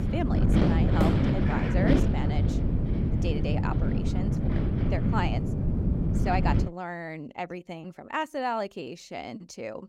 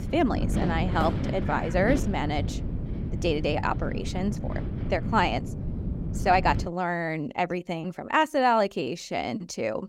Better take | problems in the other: second | wind noise on the microphone; heavy; until 6.5 s; as loud as the speech; occasional gusts in the second

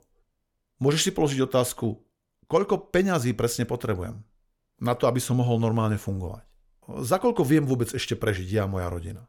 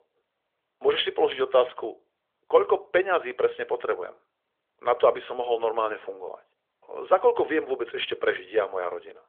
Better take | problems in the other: first | phone-call audio; nothing above 3.5 kHz

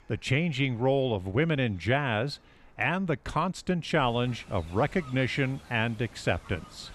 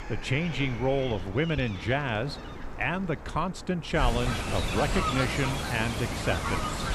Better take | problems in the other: first | animal sounds; loud; throughout; 4 dB below the speech; faint in the first

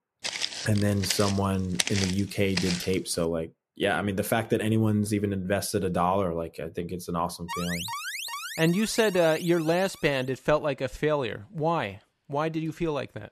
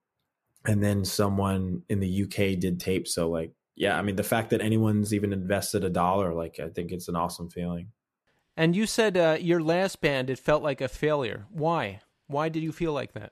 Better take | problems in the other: second | footsteps; loud; until 3 s; peak level with the speech // alarm; noticeable; from 7.5 to 10 s; peak 5 dB below the speech

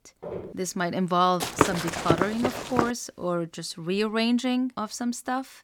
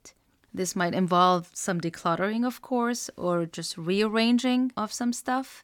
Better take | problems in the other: second | footsteps; noticeable; at the start; peak 10 dB below the speech // footsteps; loud; from 1.5 to 3 s; peak 3 dB above the speech

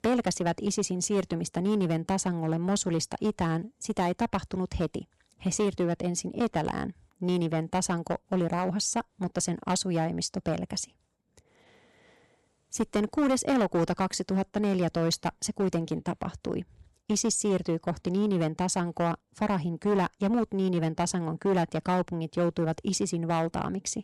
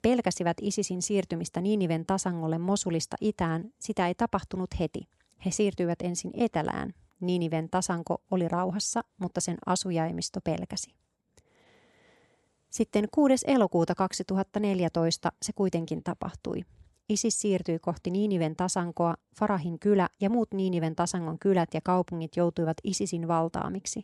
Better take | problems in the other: second | distortion; slight; 6% of the sound clipped

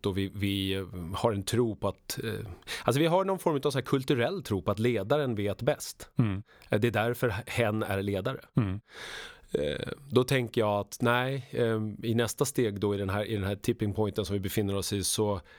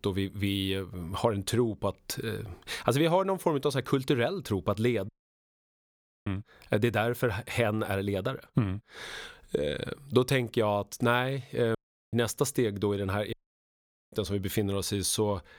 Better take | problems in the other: first | audio cutting out; at 5 s for 1 s, at 12 s and at 13 s for 1 s

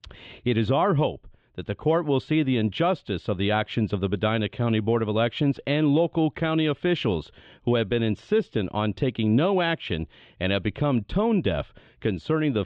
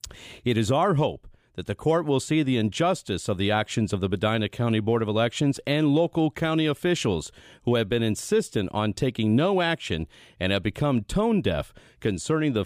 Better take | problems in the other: second | muffled; slightly; fading above 3.5 kHz

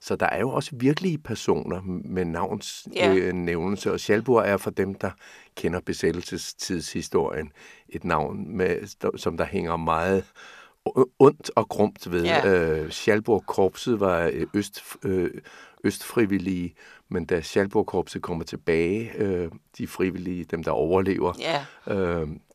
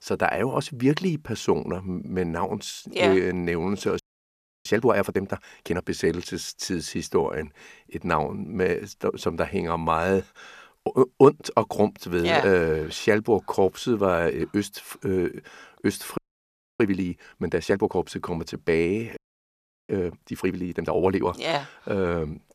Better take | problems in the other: first | audio freezing; at 4 s for 0.5 s, at 16 s for 0.5 s and at 19 s for 0.5 s

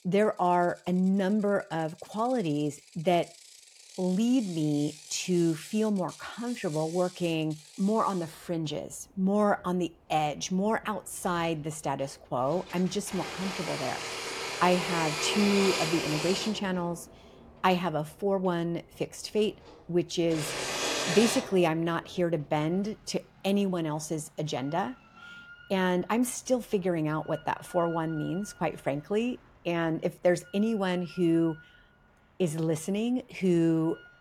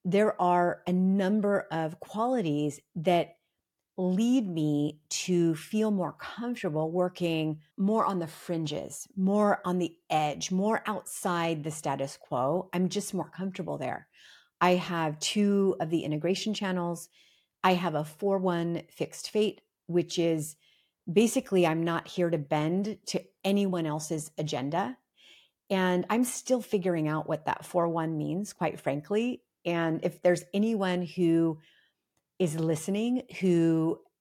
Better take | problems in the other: second | machinery noise; loud; throughout; 6 dB below the speech

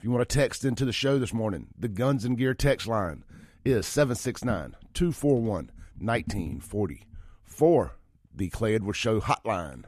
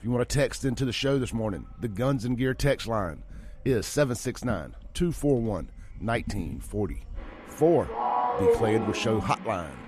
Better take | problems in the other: first | animal sounds; loud; throughout; 2 dB below the speech

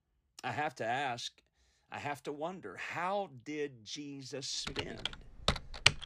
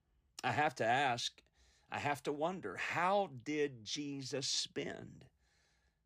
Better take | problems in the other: second | household noises; very loud; from 4.5 s on; 5 dB above the speech

